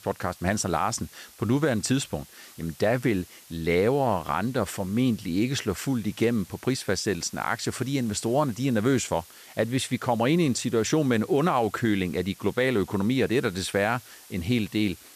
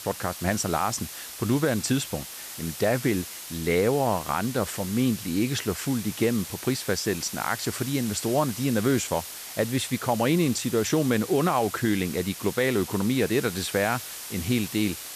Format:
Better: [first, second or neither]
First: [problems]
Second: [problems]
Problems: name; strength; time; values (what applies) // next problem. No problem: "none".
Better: first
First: hiss; faint; throughout; 20 dB below the speech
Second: hiss; loud; throughout; 10 dB below the speech